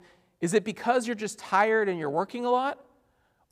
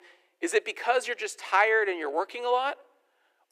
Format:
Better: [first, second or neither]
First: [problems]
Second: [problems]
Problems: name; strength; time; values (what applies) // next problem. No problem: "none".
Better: first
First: none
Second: thin; very; fading below 300 Hz